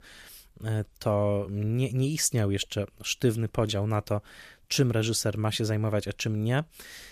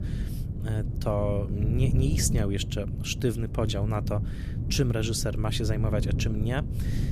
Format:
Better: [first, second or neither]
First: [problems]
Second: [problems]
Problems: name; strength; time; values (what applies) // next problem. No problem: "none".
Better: first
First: none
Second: wind noise on the microphone; heavy; 10 dB below the speech